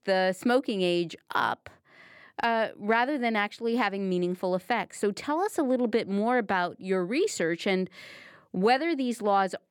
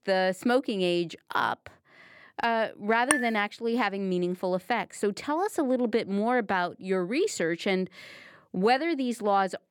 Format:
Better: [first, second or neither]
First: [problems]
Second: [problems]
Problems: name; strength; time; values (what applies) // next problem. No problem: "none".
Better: first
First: none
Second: clattering dishes; loud; at 3 s; peak level with the speech